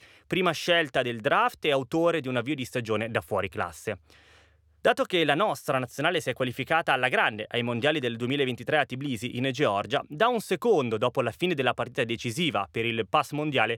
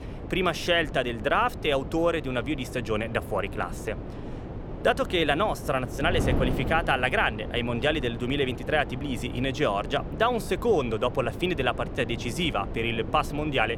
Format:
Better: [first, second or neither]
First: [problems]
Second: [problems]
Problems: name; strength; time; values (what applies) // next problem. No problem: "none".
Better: first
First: none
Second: wind noise on the microphone; occasional gusts; 15 dB below the speech